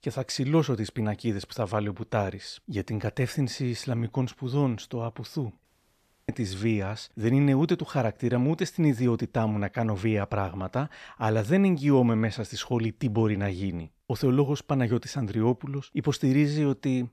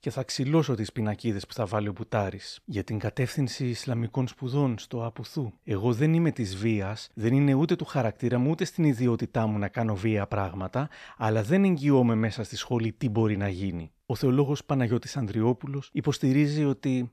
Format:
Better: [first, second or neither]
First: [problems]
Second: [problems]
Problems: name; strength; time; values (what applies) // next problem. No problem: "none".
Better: second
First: audio cutting out; at 5.5 s for 0.5 s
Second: none